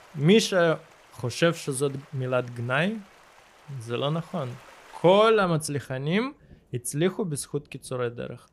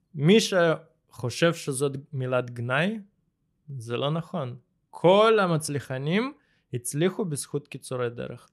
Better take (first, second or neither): second